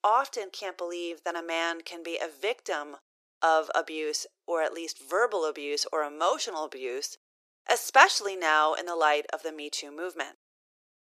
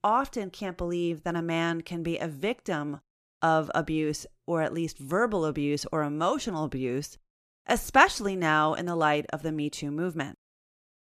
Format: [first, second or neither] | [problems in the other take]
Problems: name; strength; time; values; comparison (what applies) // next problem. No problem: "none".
second | thin; very; fading below 400 Hz